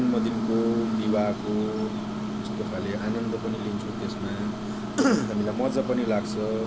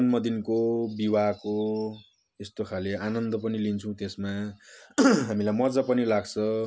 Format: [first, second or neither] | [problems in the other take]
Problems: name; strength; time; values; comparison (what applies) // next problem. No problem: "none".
second | background sound (Microwave oven); 1 dB below the speech